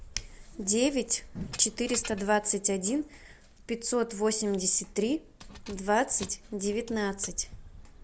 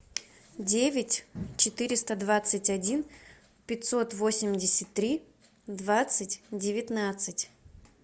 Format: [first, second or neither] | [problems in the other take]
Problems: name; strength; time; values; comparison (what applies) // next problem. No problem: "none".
second | background sound (Bird + Keys jangling); 17 dB below the speech